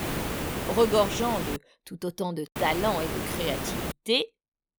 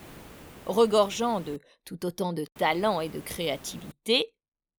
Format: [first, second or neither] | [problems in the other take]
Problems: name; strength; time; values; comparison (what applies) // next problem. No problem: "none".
second | hiss; loud; until 1.5 s and from 2.5 to 4 s; 4 dB below the speech; faint in the second